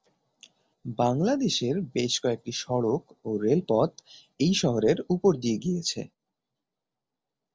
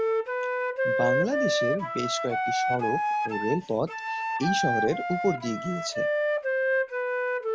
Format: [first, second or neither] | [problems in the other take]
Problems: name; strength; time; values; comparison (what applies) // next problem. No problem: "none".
first | background sound (Wind instrument, woodwind instrument); 4 dB above the speech